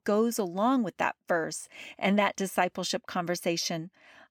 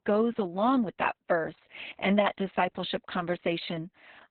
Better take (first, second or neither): first